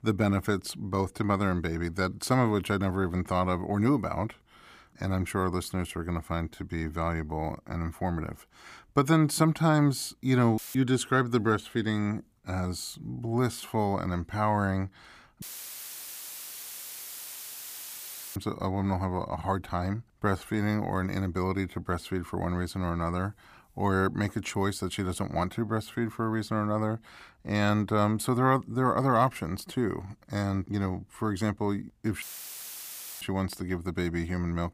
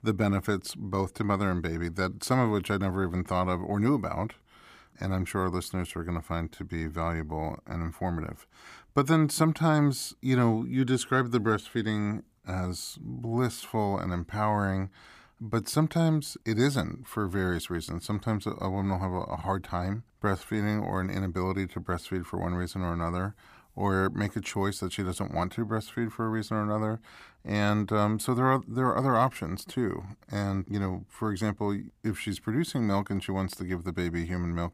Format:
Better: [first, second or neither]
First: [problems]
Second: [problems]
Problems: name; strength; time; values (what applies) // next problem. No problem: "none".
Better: second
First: audio cutting out; filled with static; at 11 s, at 15 s for 3 s and at 32 s for 1 s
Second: none